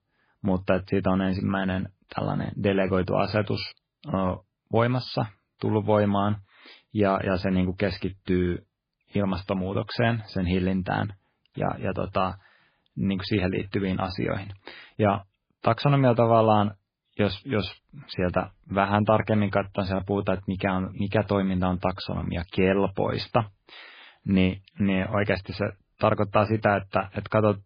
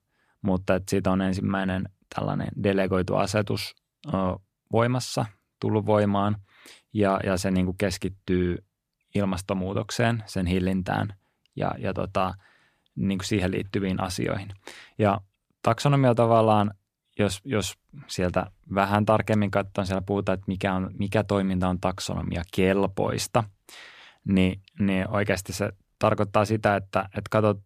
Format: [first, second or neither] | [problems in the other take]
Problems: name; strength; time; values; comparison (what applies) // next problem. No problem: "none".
second | garbled, watery; badly